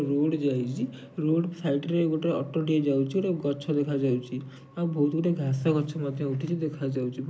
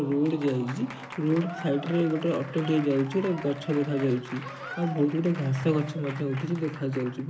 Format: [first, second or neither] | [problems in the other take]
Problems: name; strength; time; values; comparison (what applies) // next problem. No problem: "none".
first | background sound (Applause / Crowd); 14 dB below the speech